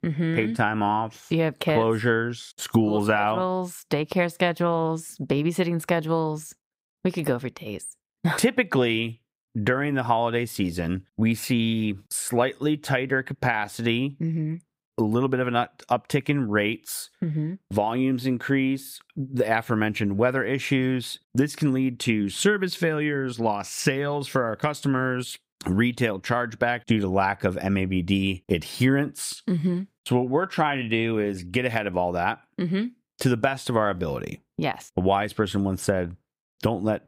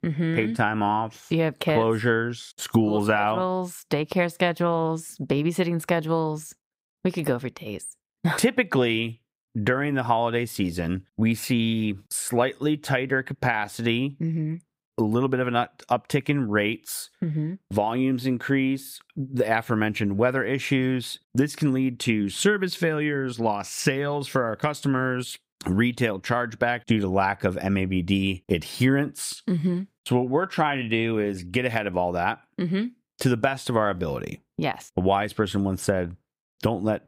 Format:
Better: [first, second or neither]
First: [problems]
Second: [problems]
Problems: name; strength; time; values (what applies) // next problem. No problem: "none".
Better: neither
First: none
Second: none